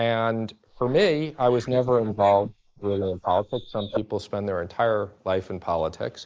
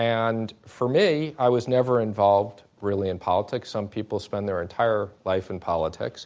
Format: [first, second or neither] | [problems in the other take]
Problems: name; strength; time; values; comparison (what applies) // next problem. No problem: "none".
second | noise reduction (neural mask model Resemble Enhance denoiser)